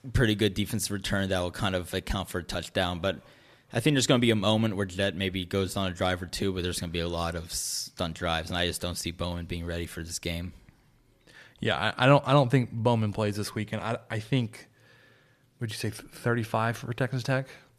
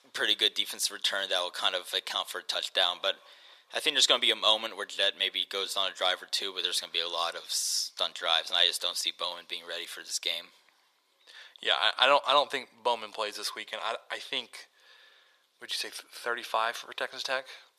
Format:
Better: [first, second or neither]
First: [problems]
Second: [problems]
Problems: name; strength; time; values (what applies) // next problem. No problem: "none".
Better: first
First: none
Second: thin; very; fading below 550 Hz